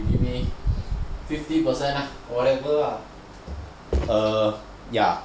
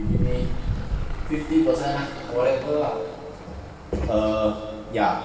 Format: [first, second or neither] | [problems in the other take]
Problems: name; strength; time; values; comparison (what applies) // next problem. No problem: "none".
first | background sound (Engine); 19 dB below the speech // room echo; dies away in 2.1 s